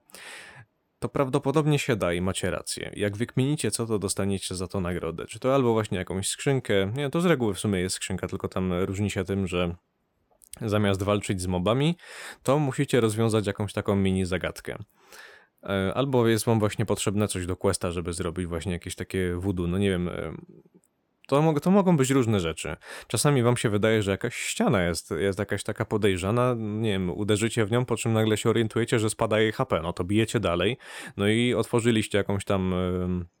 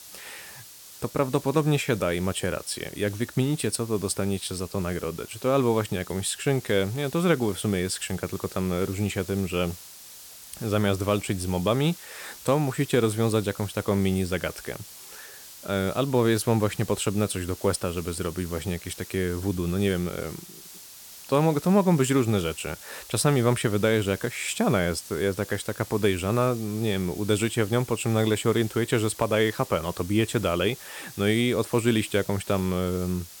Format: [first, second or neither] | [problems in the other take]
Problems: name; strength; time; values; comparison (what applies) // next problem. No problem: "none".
first | hiss; noticeable; throughout; 15 dB below the speech